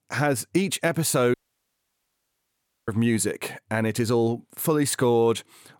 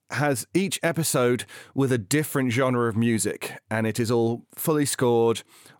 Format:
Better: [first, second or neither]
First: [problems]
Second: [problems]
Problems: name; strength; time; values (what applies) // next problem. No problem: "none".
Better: second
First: audio cutting out; at 1.5 s for 1.5 s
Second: none